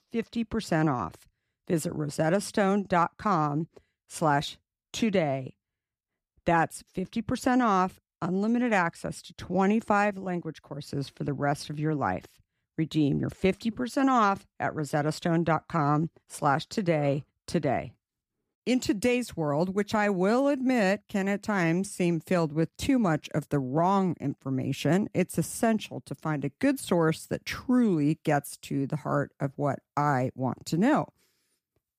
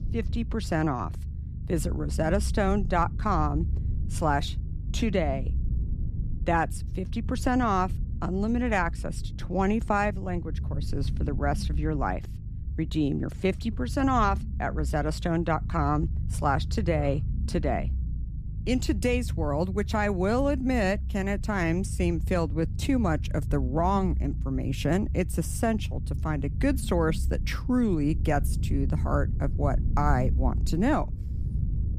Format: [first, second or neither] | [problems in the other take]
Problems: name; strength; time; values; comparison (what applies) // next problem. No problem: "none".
first | low rumble; noticeable; throughout; 20 dB below the speech